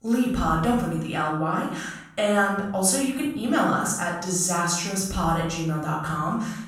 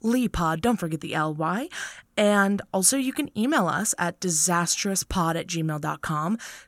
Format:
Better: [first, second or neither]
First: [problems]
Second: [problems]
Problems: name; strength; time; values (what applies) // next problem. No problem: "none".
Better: second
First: off-mic speech; far // room echo; noticeable; dies away in 0.7 s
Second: none